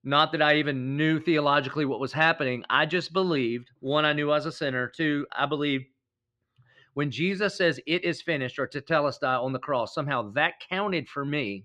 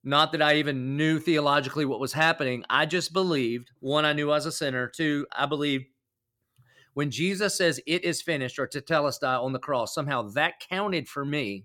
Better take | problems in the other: second | muffled; very slightly; fading above 3 kHz

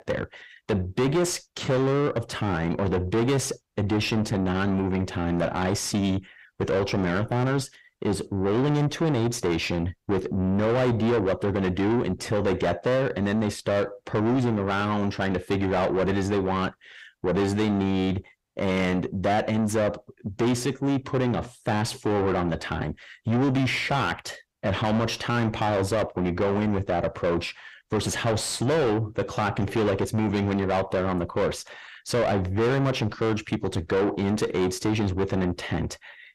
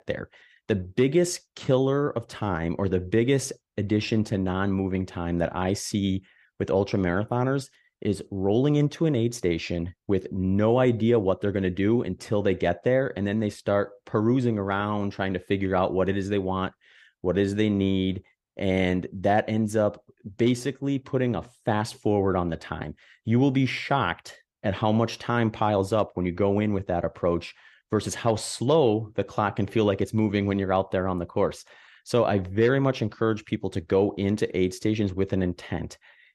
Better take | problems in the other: second | distortion; heavy; 7 dB below the speech

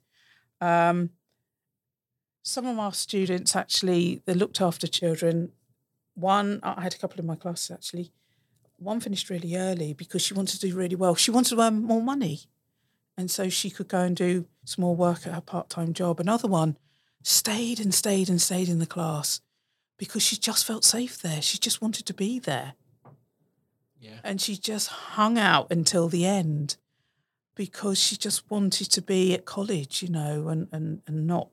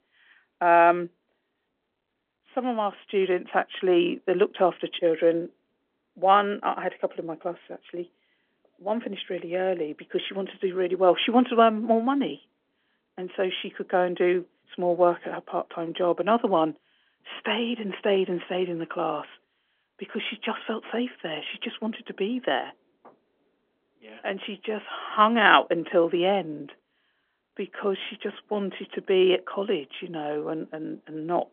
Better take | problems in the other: first | phone-call audio; nothing above 3.5 kHz

